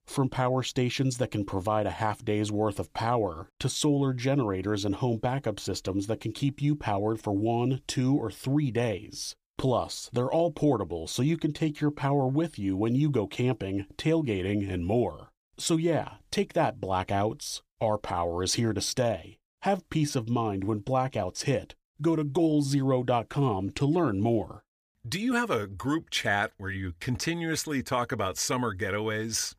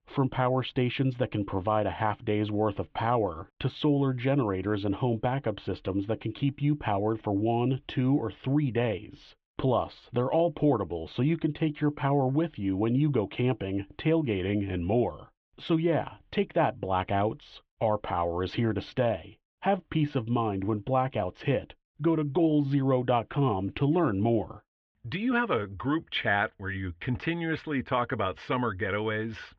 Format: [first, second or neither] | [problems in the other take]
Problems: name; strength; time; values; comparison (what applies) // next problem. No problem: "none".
first | muffled; very; fading above 3 kHz